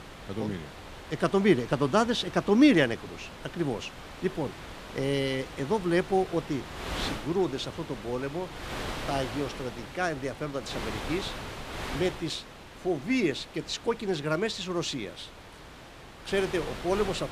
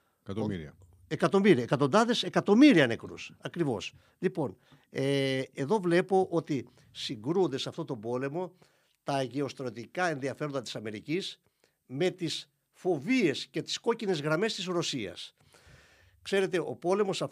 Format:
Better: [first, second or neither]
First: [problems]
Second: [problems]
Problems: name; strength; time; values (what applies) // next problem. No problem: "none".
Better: second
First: wind noise on the microphone; heavy; 10 dB below the speech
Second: none